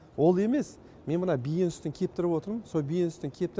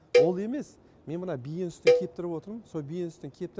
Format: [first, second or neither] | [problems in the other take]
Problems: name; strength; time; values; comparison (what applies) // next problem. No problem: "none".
first | background sound (Cowbell); 5 dB above the speech